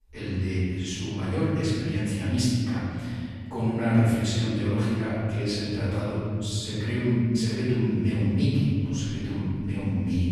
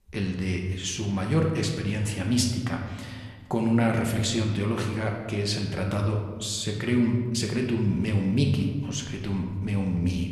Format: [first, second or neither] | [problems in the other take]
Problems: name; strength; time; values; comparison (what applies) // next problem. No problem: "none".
second | room echo; strong; dies away in 2.8 s; slight in the second // off-mic speech; far